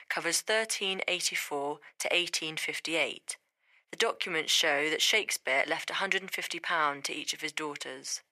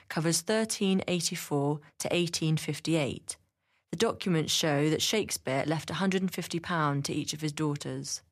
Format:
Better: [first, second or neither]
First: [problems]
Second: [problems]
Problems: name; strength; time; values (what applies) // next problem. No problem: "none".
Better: second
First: thin; very; fading below 600 Hz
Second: none